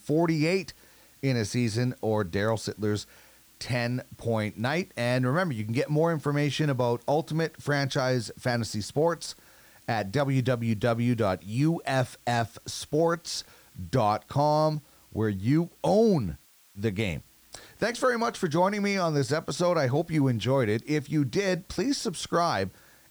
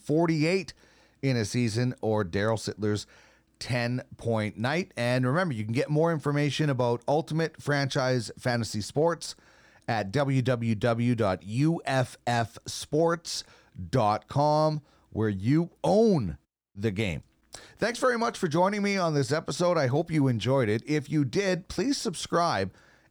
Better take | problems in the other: second | hiss; faint; throughout; 30 dB below the speech

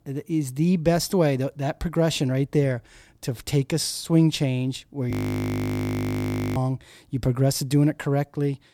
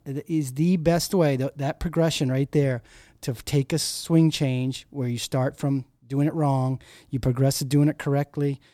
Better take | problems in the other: second | audio freezing; at 5 s for 1.5 s

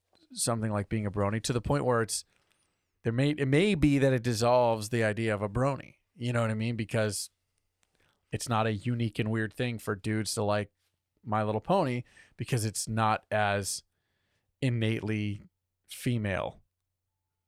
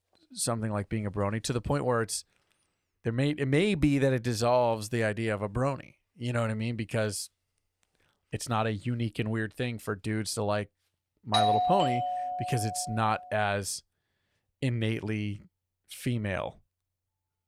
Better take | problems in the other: first | doorbell; loud; from 11 to 13 s; peak 5 dB above the speech

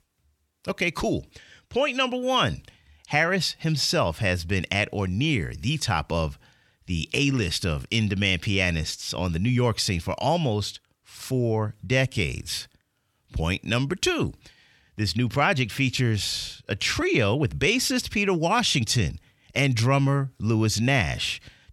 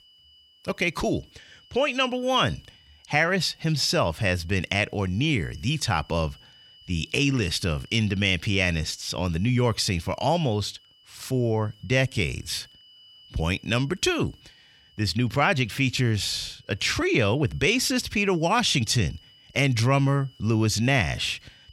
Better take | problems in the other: first | high-pitched whine; faint; throughout; 3 kHz, 30 dB below the speech

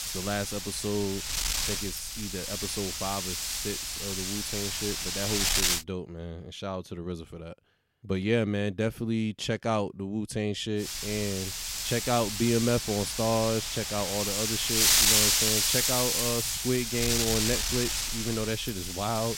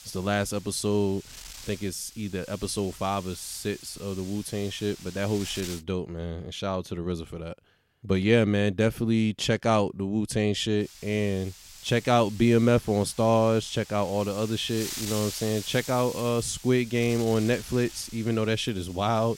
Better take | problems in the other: second | wind noise on the microphone; heavy; until 6 s and from 11 s on; 5 dB above the speech; occasional gusts in the second

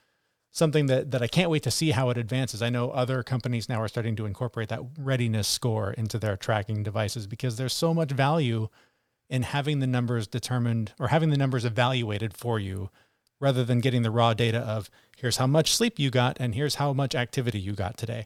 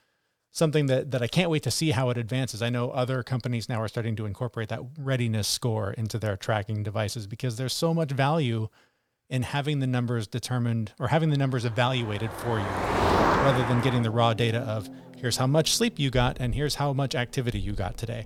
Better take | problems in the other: first | traffic noise; loud; from 11 s on; 2 dB below the speech

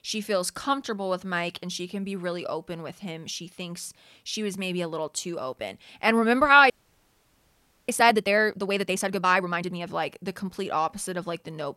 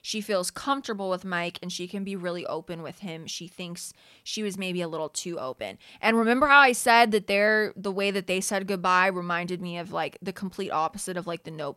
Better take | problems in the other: second | audio freezing; at 6.5 s for 1 s

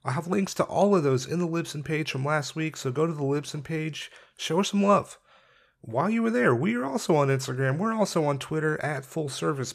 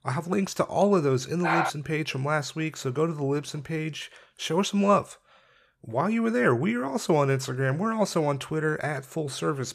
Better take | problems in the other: first | dog barking; loud; at 1.5 s; peak level with the speech

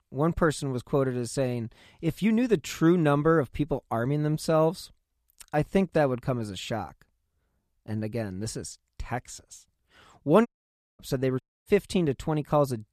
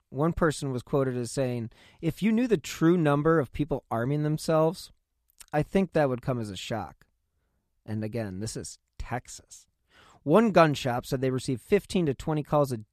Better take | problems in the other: second | audio cutting out; at 10 s for 0.5 s and at 11 s

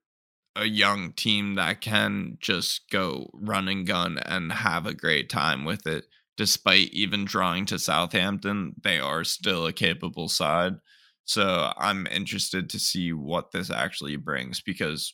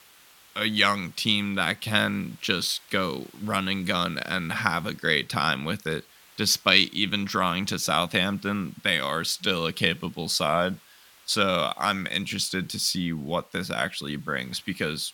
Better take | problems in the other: first | hiss; faint; throughout; 25 dB below the speech

